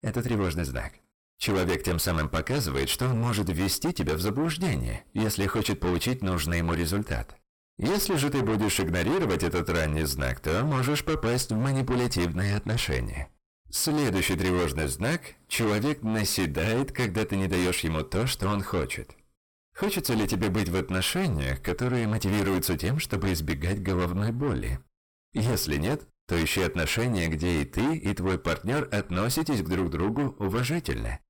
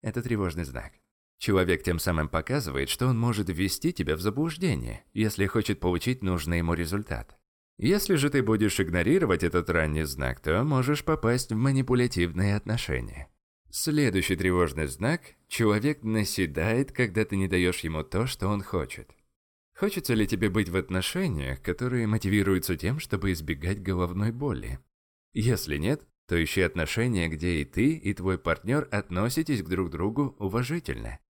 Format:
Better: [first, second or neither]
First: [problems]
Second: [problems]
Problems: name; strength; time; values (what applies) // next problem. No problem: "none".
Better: second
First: distortion; heavy; 5 dB below the speech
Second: none